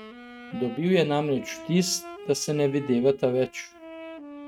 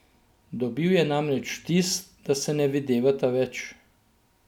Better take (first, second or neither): second